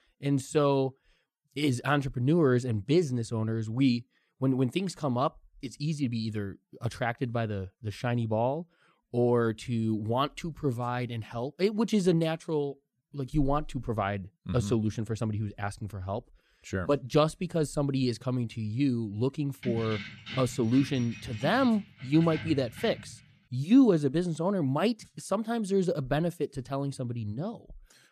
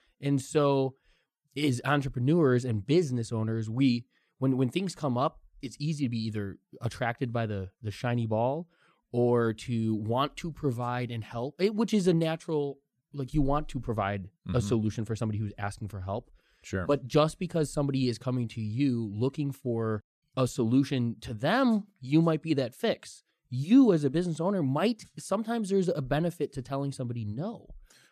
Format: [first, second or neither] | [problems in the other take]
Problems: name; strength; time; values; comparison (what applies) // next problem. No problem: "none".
second | jangling keys; noticeable; from 20 to 23 s; peak 8 dB below the speech